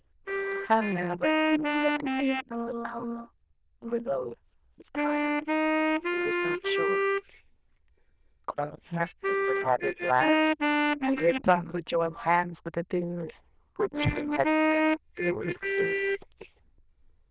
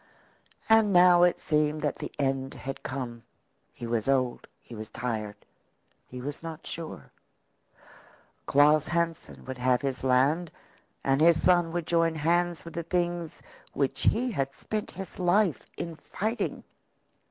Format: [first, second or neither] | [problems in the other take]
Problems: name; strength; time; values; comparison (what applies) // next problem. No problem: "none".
second | noise reduction (neural diffusion model UNIVERSE++)